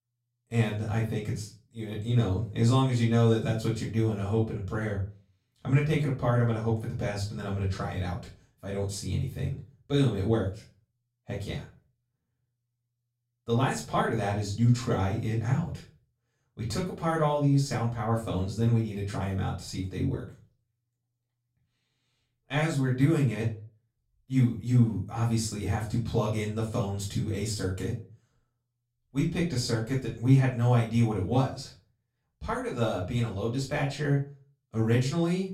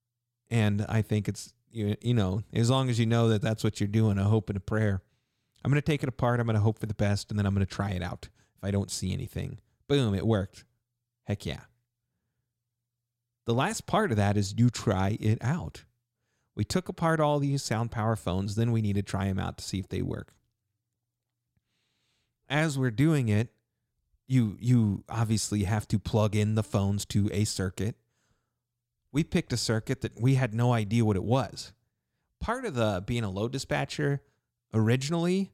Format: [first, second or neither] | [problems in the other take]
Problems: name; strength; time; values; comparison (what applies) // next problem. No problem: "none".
second | off-mic speech; far // room echo; slight; dies away in 0.3 s